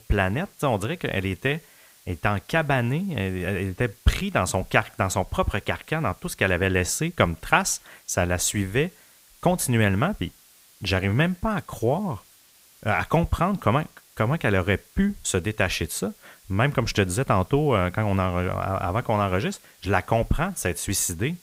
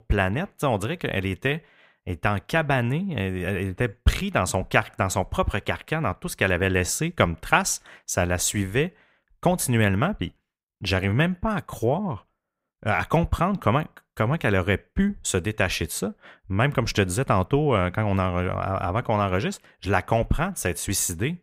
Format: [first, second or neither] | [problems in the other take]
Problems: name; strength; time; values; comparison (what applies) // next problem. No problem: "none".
second | hiss; faint; throughout; 25 dB below the speech